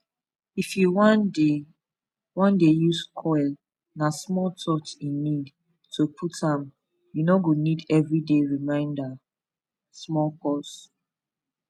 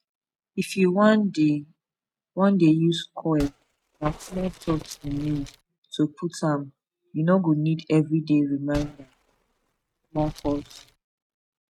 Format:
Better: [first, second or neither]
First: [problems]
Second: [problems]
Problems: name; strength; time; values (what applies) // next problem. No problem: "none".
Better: first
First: none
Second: noise reduction (neural mask model RNNoise)